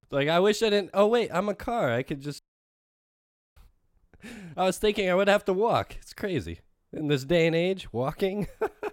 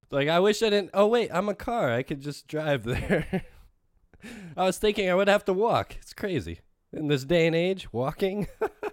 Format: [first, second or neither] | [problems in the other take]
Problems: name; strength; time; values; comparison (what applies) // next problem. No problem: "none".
second | audio cutting out; at 2.5 s for 1 s